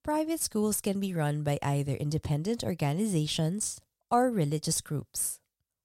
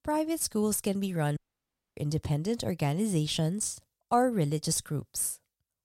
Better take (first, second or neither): first